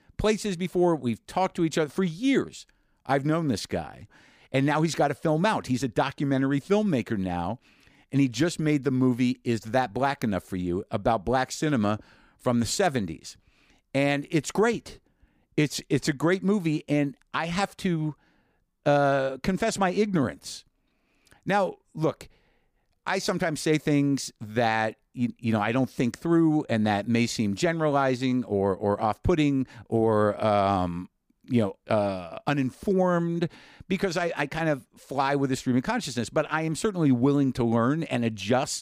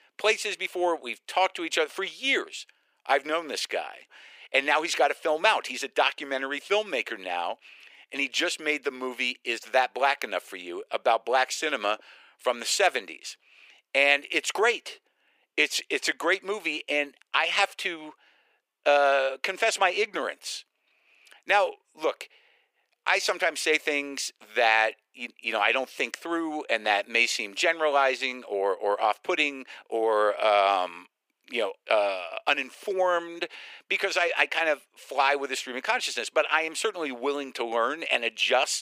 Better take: first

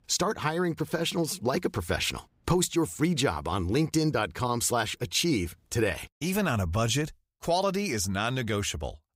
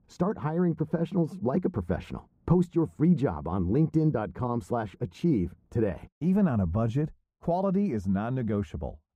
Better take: first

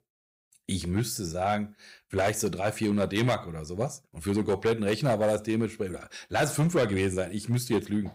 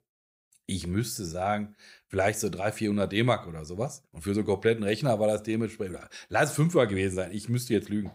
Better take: second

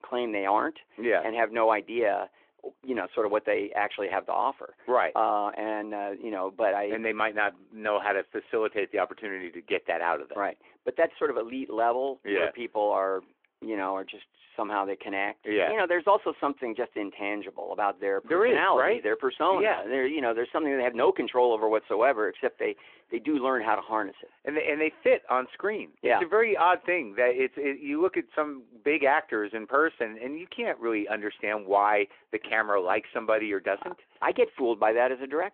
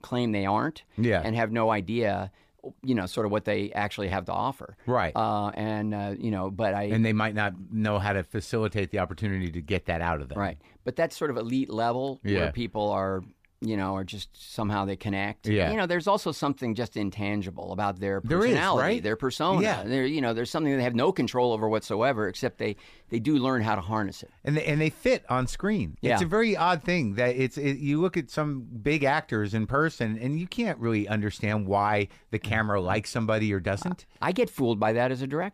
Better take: second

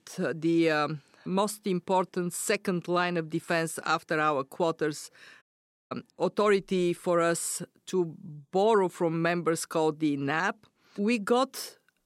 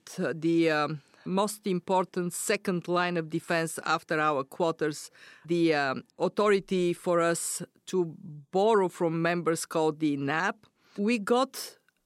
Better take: second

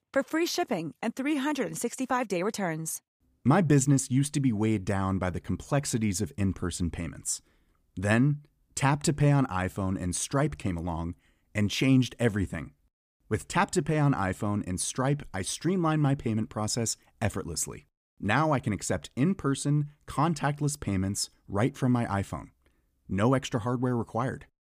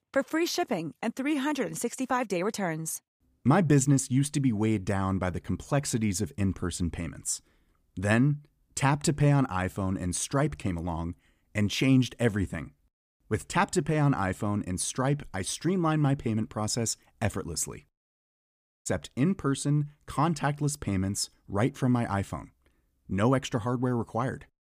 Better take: first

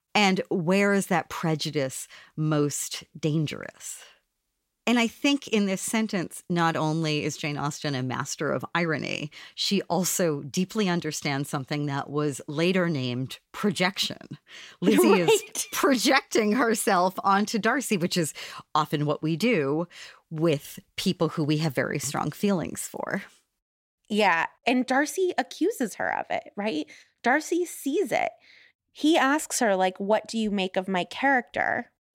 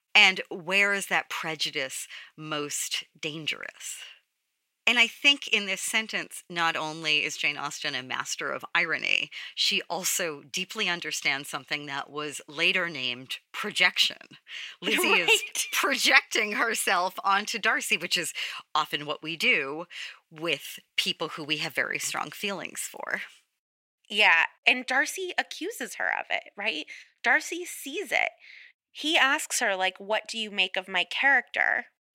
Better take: first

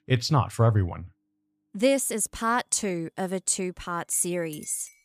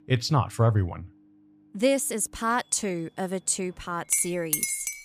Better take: first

